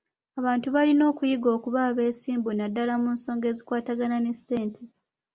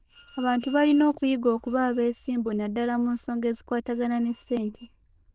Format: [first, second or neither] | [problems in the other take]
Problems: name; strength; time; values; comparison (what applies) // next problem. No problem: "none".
first | noise reduction (neural diffusion model UNIVERSE++)